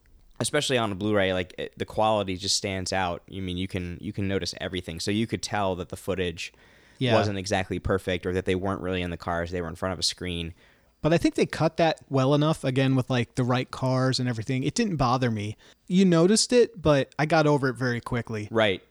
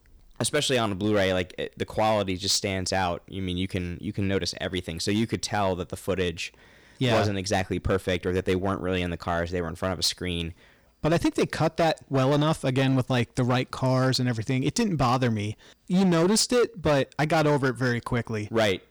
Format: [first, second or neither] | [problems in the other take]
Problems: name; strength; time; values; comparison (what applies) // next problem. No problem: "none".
first | distortion; slight; 7% of the sound clipped